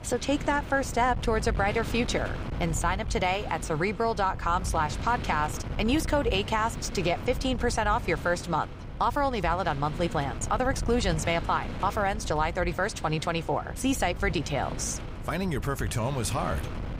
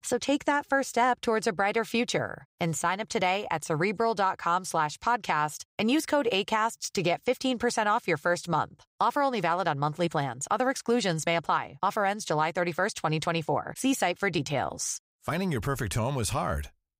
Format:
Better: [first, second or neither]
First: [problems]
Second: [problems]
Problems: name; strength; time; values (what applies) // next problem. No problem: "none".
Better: second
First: wind noise on the microphone; occasional gusts; 15 dB below the speech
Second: none